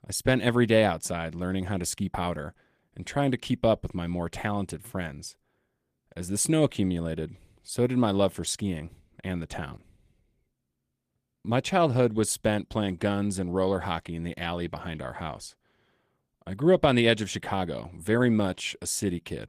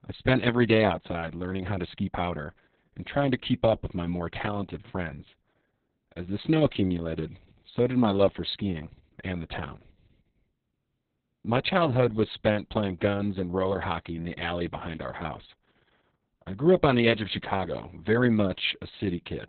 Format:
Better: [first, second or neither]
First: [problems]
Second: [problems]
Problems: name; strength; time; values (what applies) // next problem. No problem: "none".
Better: first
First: garbled, watery; slightly; nothing above 14.5 kHz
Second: garbled, watery; badly; nothing above 4 kHz